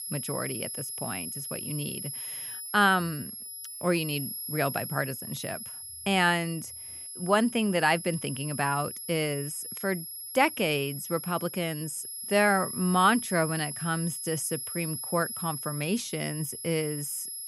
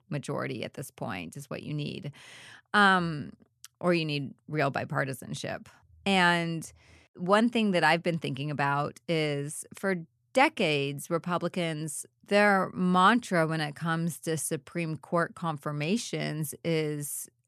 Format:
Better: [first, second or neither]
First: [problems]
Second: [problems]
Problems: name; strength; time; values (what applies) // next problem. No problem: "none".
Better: second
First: high-pitched whine; loud; throughout; 11 kHz, 7 dB below the speech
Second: none